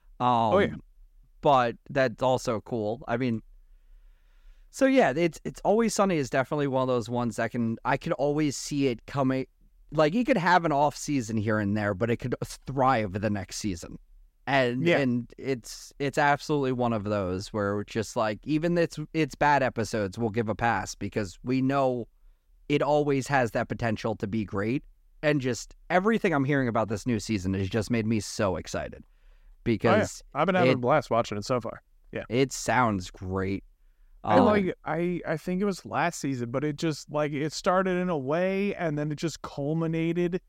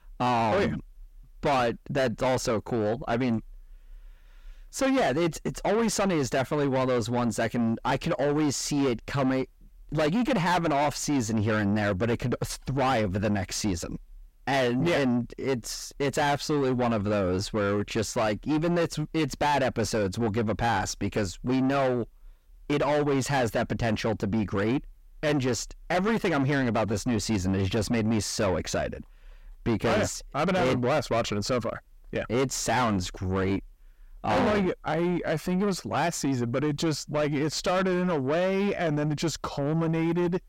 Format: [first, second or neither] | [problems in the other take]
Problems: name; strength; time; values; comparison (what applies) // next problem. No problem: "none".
first | distortion; heavy; 6 dB below the speech